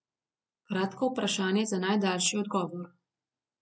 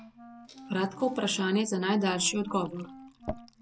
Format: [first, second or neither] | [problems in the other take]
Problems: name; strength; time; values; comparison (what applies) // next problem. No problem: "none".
first | background sound (Wind instrument, woodwind instrument + Liquid); 15 dB below the speech